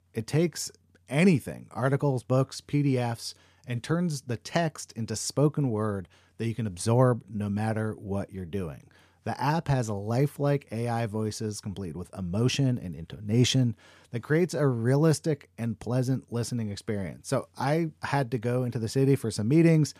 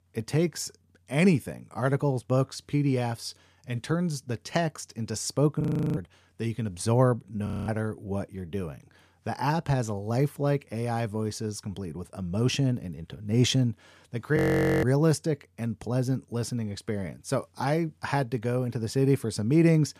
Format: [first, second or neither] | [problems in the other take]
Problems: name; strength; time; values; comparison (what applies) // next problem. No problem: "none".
first | audio freezing; at 5.5 s, at 7.5 s and at 14 s